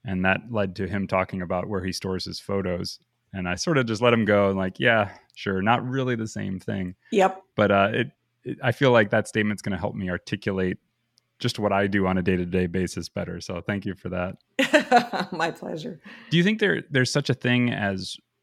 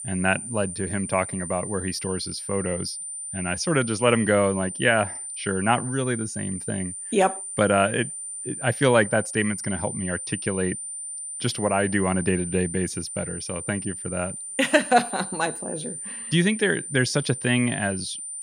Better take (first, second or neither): first